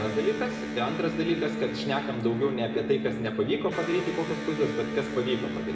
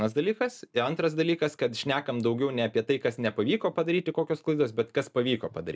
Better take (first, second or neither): second